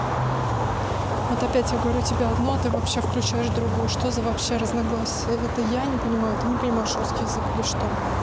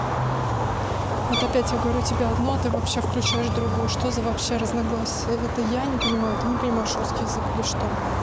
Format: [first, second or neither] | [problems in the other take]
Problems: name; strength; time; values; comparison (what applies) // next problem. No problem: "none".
first | background sound (Meow); 11 dB below the speech